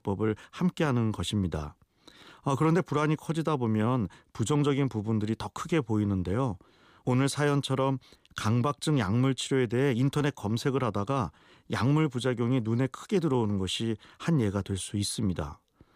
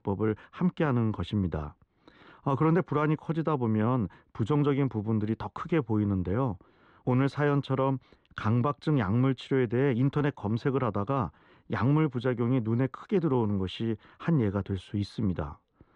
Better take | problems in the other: first | muffled; slightly; fading above 2 kHz

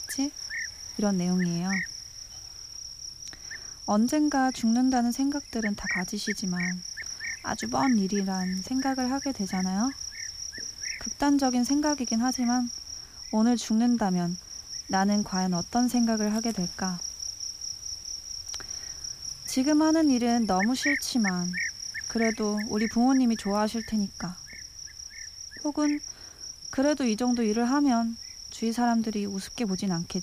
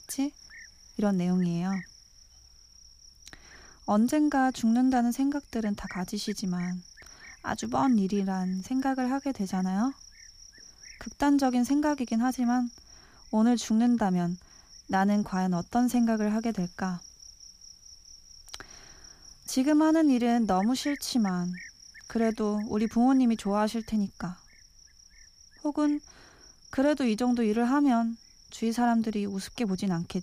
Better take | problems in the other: second | animal sounds; loud; throughout; 8 dB below the speech; faint in the second

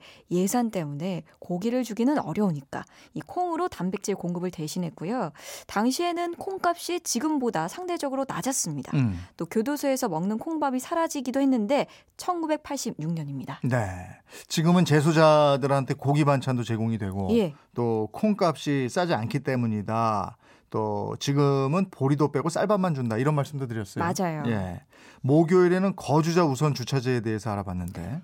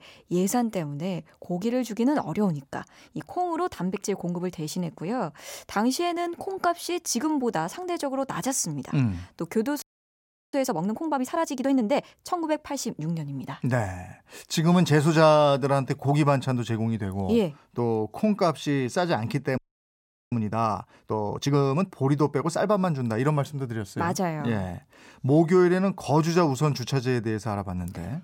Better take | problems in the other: first | audio freezing; at 10 s for 0.5 s and at 20 s for 0.5 s

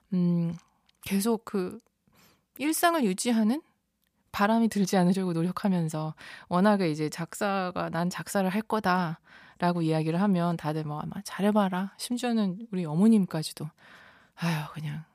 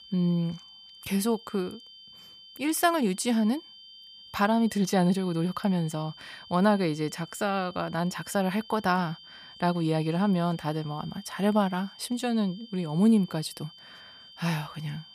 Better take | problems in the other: first | high-pitched whine; noticeable; throughout; 3 kHz, 20 dB below the speech

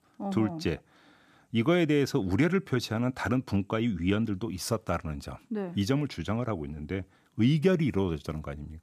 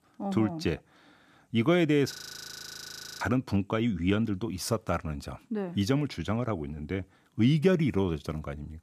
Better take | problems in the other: first | audio freezing; at 2 s for 1 s

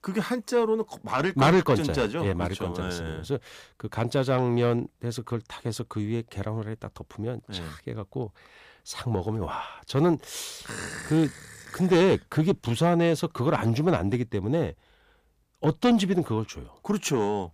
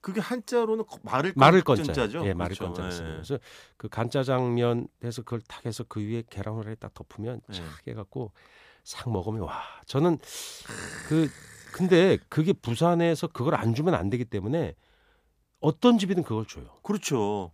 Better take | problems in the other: second | distortion; slight; 10 dB below the speech

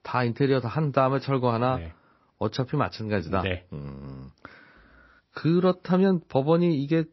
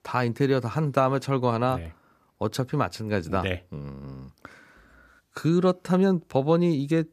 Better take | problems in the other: second | garbled, watery; slightly; nothing above 5.5 kHz

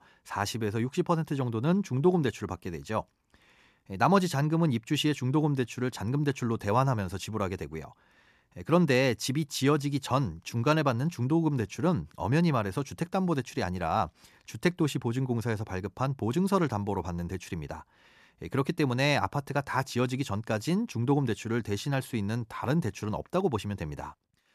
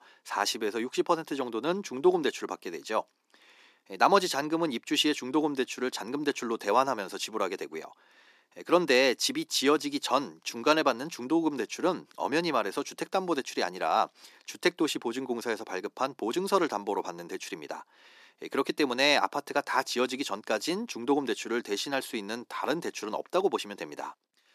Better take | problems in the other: first | thin; somewhat; fading below 300 Hz

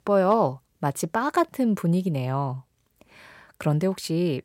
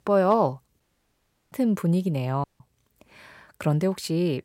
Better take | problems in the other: first | audio cutting out; at 1 s for 0.5 s and at 2.5 s

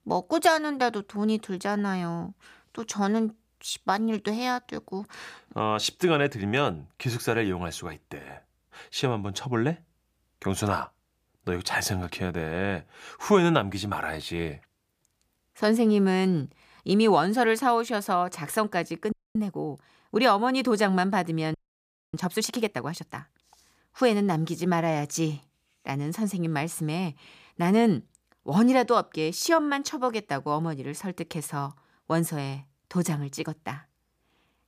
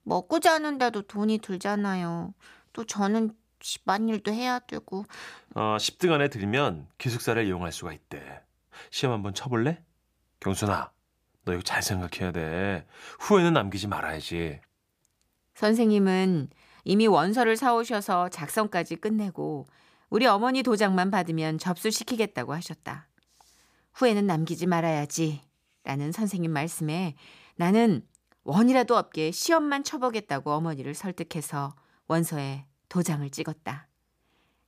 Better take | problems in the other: second | audio freezing; at 19 s and at 22 s for 0.5 s

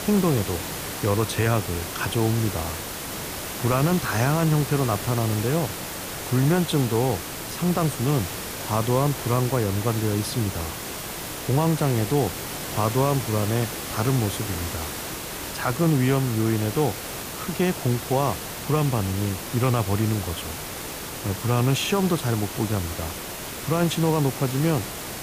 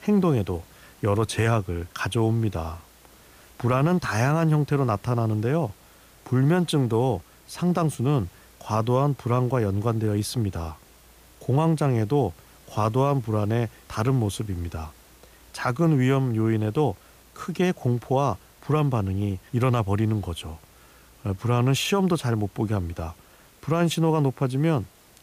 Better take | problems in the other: second | hiss; loud; throughout; 7 dB below the speech; faint in the second

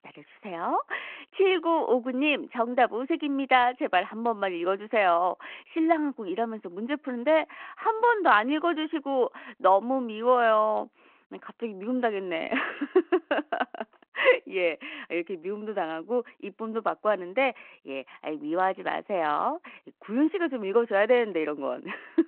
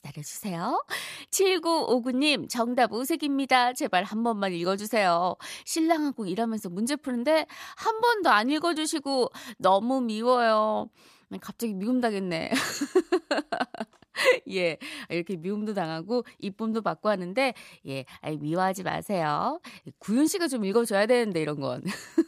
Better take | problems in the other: second | phone-call audio

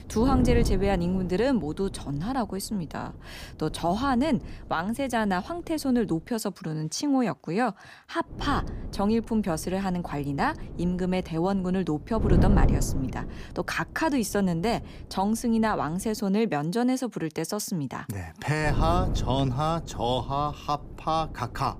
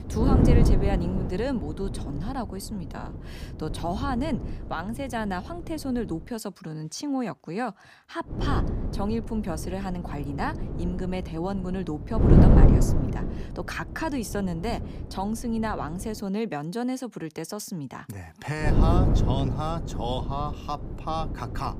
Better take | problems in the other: first | wind noise on the microphone; heavy; until 6.5 s, from 8.5 to 16 s and from 19 s on; 1 dB below the speech; occasional gusts in the first

